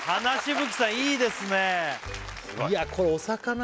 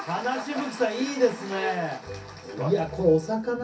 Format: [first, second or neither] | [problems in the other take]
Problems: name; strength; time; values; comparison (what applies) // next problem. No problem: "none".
first | background sound (Bowed string instrument); 15 dB below the speech // room echo; dies away in 0.3 s